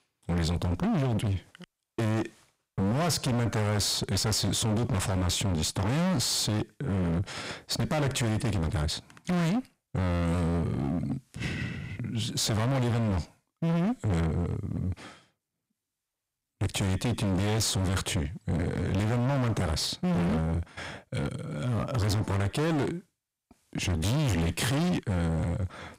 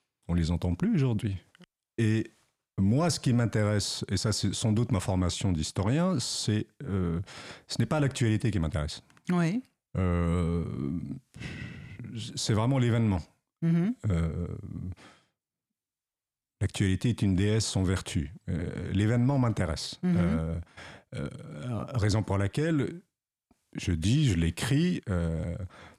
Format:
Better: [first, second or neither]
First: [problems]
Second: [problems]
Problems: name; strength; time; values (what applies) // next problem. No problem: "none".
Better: second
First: distortion; heavy; 31% of the sound clipped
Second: none